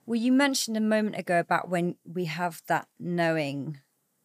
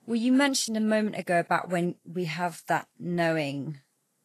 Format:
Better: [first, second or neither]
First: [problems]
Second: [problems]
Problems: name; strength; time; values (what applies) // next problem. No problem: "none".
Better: first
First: none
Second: garbled, watery; slightly; nothing above 12.5 kHz